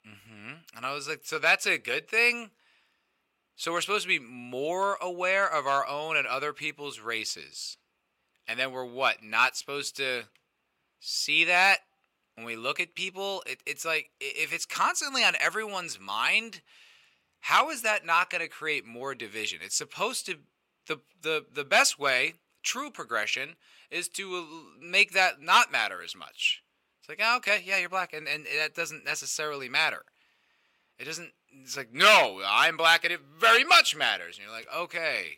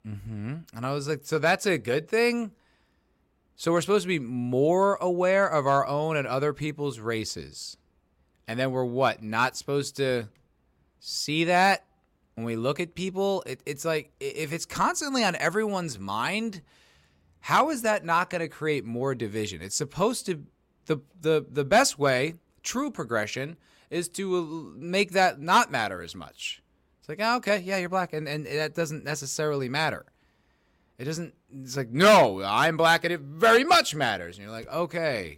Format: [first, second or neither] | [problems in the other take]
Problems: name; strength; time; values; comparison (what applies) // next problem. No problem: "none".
second | thin; somewhat; fading below 1 kHz